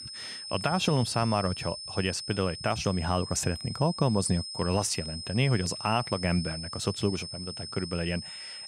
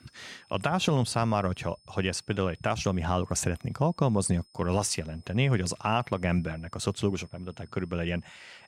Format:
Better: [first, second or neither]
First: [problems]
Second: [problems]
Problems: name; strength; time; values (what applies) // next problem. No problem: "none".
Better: second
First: high-pitched whine; loud; throughout; 5 kHz, 8 dB below the speech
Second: high-pitched whine; faint; throughout; 5 kHz, 30 dB below the speech